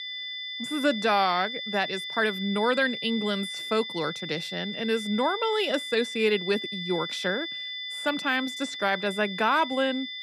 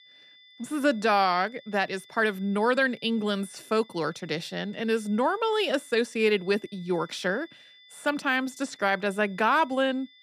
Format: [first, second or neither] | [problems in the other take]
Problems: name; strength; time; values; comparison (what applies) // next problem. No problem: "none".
second | high-pitched whine; loud; throughout; 3.5 kHz, 6 dB below the speech; faint in the second